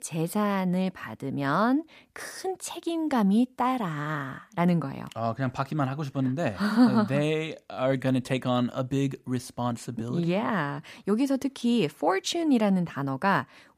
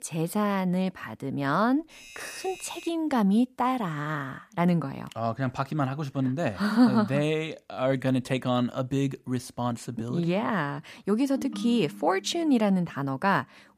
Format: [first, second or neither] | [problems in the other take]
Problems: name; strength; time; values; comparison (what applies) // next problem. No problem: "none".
first | doorbell; faint; from 2 to 3 s; peak 15 dB below the speech // phone ringing; noticeable; from 11 to 13 s; peak 8 dB below the speech